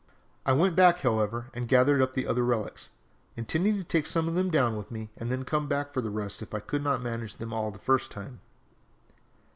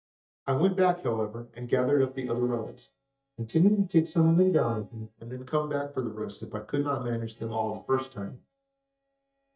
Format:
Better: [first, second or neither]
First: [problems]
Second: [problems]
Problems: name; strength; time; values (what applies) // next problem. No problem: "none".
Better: first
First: none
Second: noise reduction (neural mask model DeepFilterNet 3)